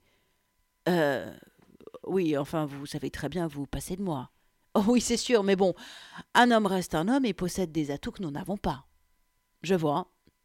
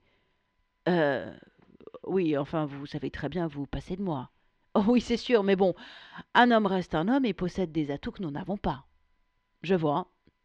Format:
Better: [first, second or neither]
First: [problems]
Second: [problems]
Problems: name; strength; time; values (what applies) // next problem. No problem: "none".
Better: first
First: none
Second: muffled; slightly; fading above 4 kHz